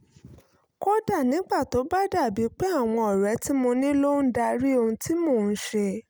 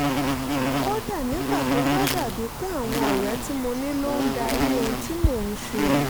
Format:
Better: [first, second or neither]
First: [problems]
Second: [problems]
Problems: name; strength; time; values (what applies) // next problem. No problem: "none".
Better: first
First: none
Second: background sound (Insect); 3 dB above the speech